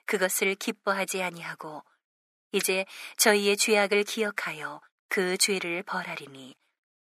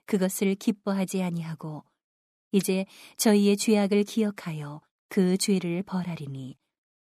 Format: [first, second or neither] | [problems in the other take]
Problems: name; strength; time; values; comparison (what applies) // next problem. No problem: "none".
second | thin; very; fading below 500 Hz